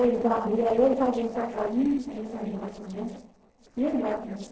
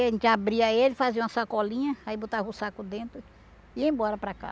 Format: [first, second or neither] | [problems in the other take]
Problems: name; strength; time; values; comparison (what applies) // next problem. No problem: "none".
second | noise reduction (neural separator model SepFormer DNS4)